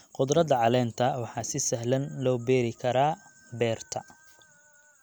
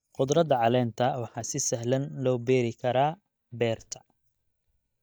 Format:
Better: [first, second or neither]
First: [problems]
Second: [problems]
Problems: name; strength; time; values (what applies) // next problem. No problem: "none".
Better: first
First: none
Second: noise reduction (neural mask model DeepFilterNet 3)